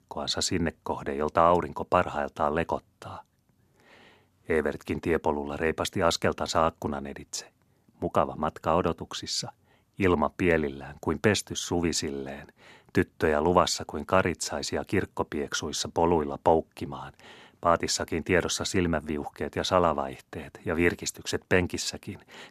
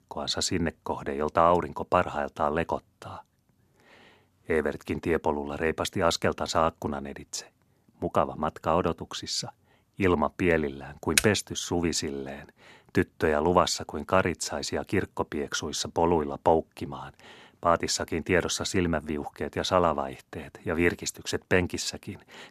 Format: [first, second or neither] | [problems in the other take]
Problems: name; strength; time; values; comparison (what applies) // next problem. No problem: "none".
first | keyboard typing; very faint; at 11 s; peak 2 dB above the speech